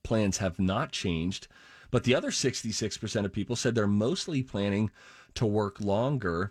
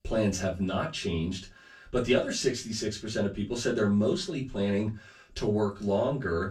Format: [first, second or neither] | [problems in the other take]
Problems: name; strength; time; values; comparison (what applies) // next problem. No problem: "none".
first | off-mic speech; far // room echo; very slight; dies away in 0.2 s